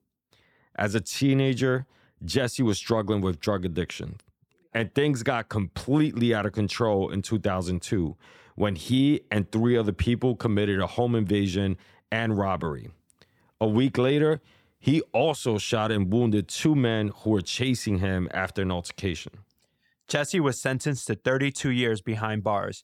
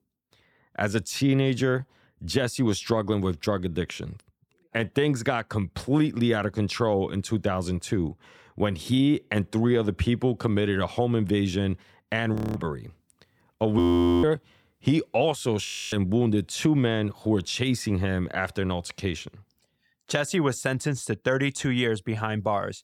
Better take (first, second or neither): first